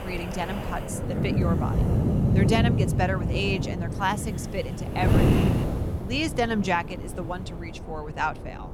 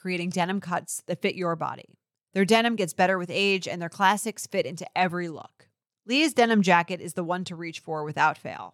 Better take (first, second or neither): second